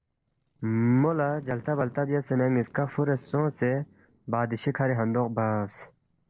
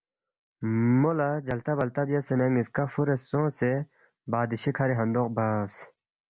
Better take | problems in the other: second | noise reduction (neural separator model SepFormer DNS4)

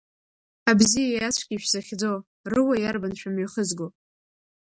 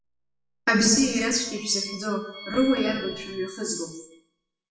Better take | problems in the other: first | noise reduction (classical method WPE with log-MMSE)

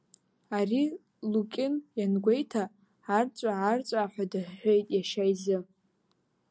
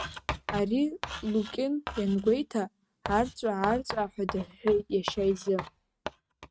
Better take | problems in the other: first | noise reduction (neural mask model RNNoise)

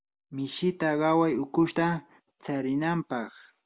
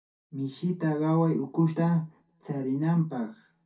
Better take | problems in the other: first | room echo; dies away in 0.3 s

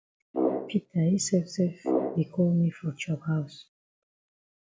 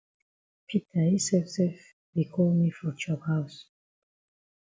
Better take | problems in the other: second | background sound (Brass instrument); 3 dB below the speech

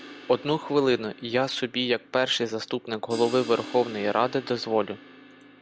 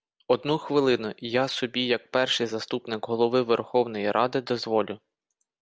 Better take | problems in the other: second | background sound (Crash cymbal); 17 dB below the speech

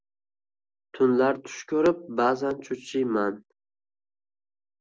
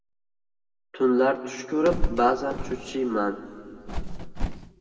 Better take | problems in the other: first | background sound (Bird); 3 dB below the speech // room echo; dies away in 1.9 s

